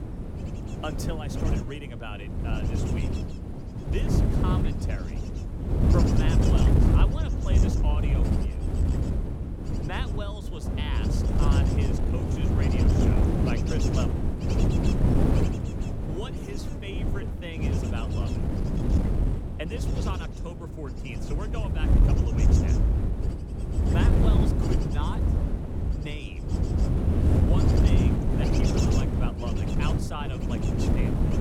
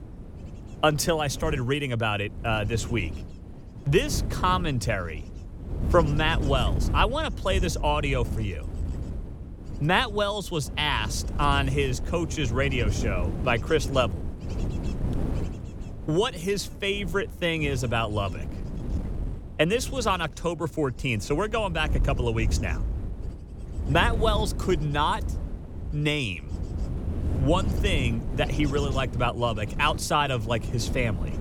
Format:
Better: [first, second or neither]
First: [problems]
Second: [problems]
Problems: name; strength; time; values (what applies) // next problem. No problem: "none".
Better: second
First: wind noise on the microphone; heavy; 4 dB above the speech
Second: wind noise on the microphone; occasional gusts; 15 dB below the speech